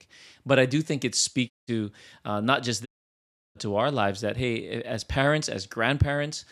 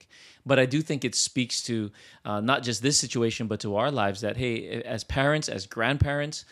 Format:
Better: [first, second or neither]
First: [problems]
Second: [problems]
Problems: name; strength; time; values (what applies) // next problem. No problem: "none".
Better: second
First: audio cutting out; at 1.5 s and at 3 s for 0.5 s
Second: none